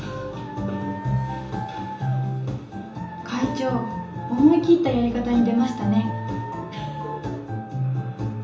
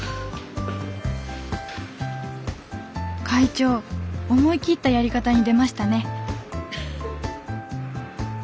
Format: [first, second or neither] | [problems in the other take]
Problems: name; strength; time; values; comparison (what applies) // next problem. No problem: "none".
second | background sound (Dog); 13 dB below the speech // room echo; dies away in 1.2 s